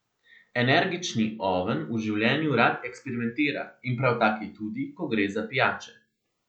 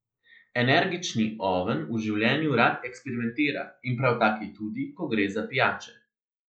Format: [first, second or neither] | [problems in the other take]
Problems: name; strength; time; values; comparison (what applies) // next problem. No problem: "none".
first | noise reduction (neural mask model Resemble Enhance denoiser)